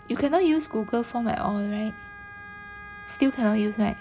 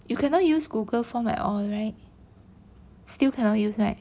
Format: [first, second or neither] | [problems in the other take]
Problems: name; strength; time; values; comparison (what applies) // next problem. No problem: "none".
second | background sound (Wind instrument, woodwind instrument); 18 dB below the speech